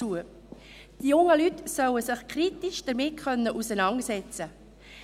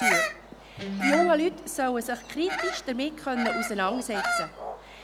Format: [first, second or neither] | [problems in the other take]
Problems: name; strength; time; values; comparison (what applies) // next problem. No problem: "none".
first | background sound (Guitar + Bird vocalization, bird call, bird song); 2 dB below the speech